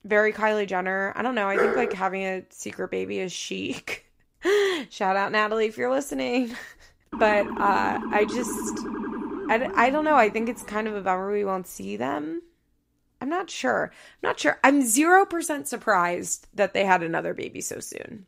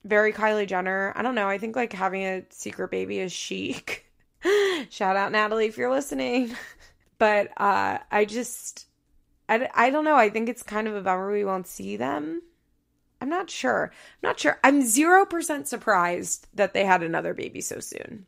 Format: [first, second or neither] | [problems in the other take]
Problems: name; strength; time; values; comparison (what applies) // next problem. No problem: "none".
second | dog barking; loud; at 1.5 s; peak 1 dB above the speech // siren; noticeable; from 7 to 11 s; peak 7 dB below the speech